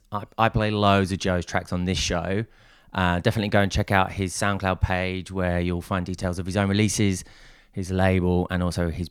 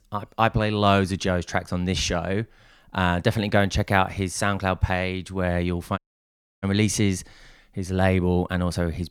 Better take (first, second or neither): first